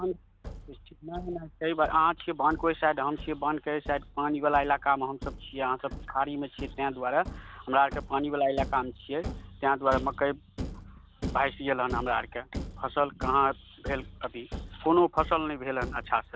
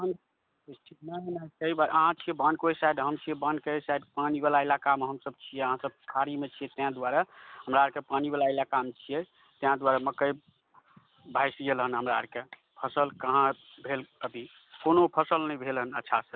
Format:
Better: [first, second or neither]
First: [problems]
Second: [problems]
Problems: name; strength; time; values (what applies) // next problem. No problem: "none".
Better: second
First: background sound (Thump, thud); 12 dB below the speech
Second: none